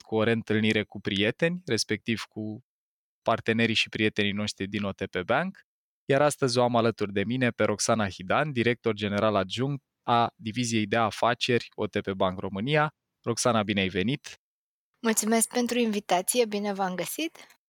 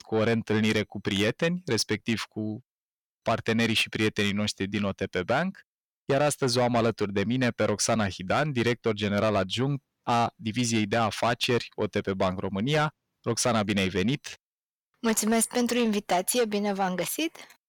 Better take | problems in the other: first | distortion; slight; 10 dB below the speech

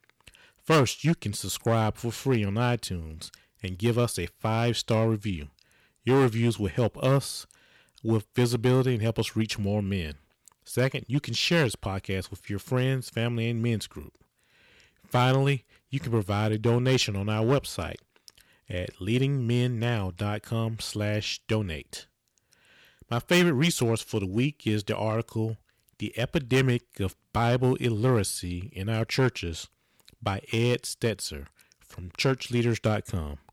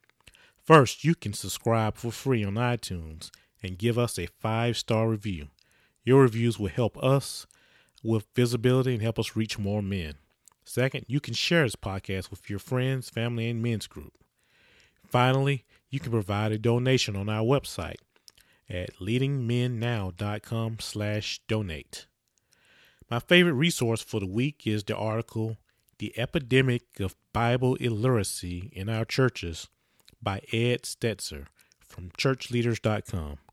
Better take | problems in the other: second | distortion; slight; 2% of the sound clipped

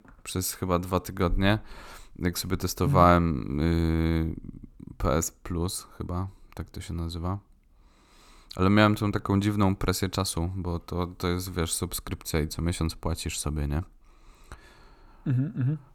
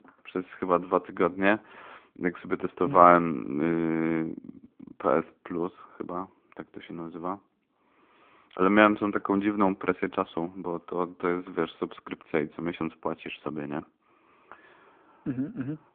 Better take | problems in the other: first | phone-call audio; poor line; nothing above 3.5 kHz

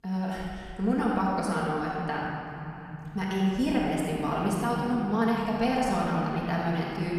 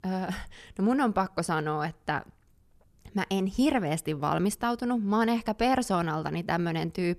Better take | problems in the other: second | room echo; strong; dies away in 3 s // off-mic speech; far

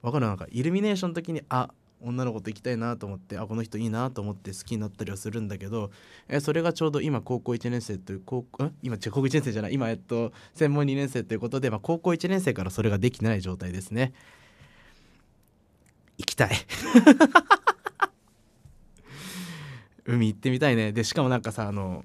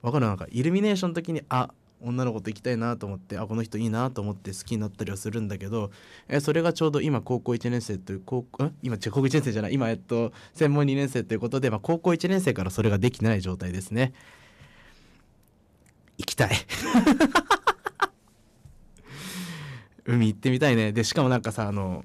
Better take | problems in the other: first | distortion; heavy; 1.3% of the sound clipped

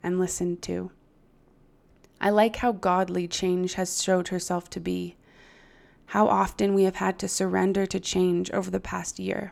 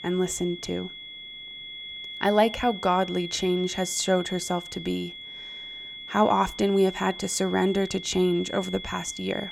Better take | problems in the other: first | high-pitched whine; noticeable; throughout; 3.5 kHz, 10 dB below the speech

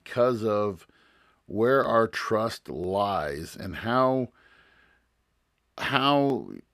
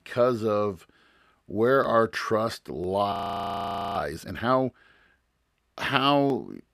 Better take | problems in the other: first | audio freezing; at 3 s for 1 s

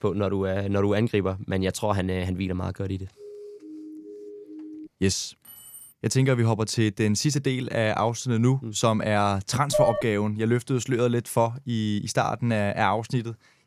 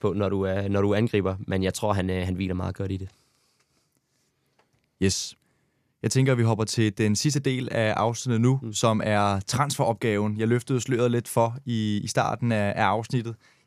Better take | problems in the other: second | siren; faint; from 3 to 5 s; peak 15 dB below the speech // jangling keys; faint; at 5.5 s; peak 15 dB below the speech // clattering dishes; loud; at 9.5 s; peak 1 dB above the speech

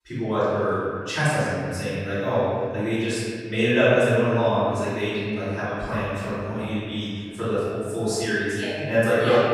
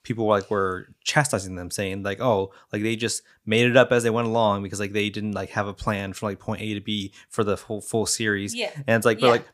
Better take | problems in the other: second | off-mic speech; far // room echo; strong; dies away in 2.1 s

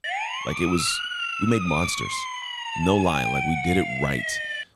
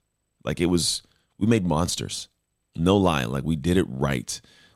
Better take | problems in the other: second | siren; loud; peak level with the speech

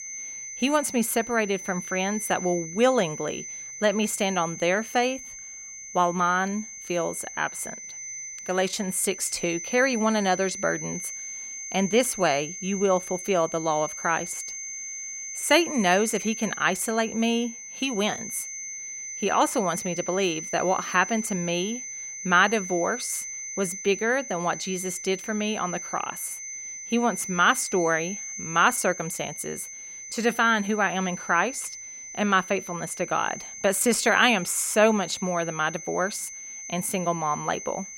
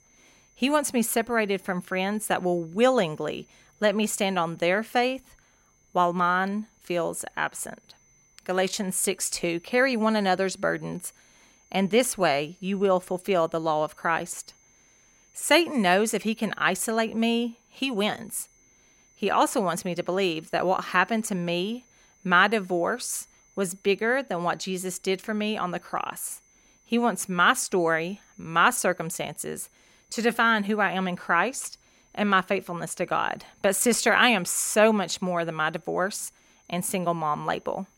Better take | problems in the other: second | high-pitched whine; loud; throughout; 6 kHz, 9 dB below the speech; faint in the second

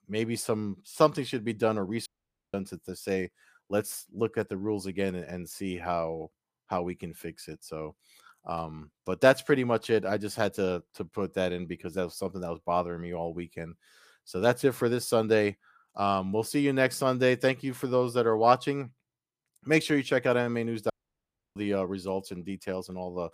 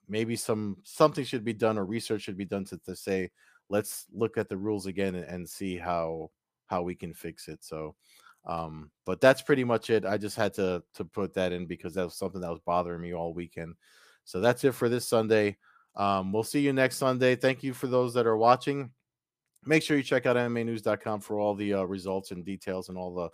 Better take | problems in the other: second | audio cutting out; at 2 s and at 21 s for 0.5 s

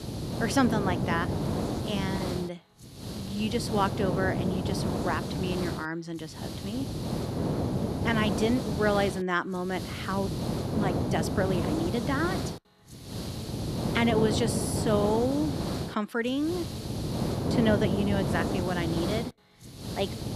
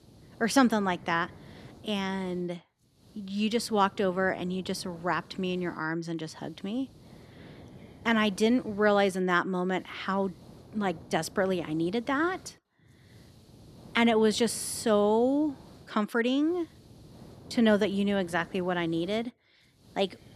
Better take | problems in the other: second | hiss; loud; throughout; 1 dB below the speech; faint in the second

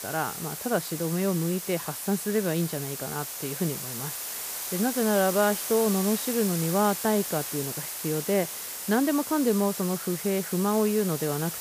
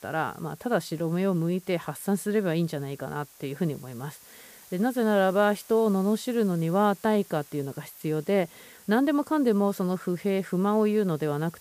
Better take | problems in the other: second | hiss; loud; throughout; 5 dB below the speech; faint in the second

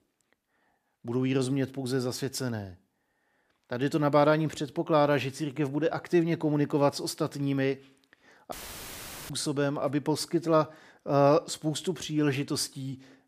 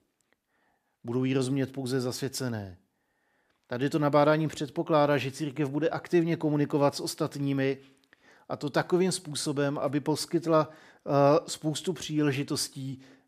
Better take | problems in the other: second | audio cutting out; filled with static; at 8.5 s for 1 s

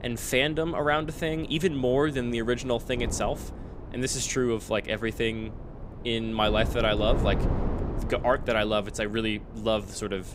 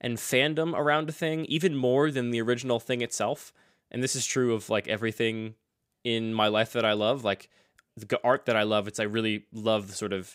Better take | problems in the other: second | wind noise on the microphone; occasional gusts; 15 dB below the speech

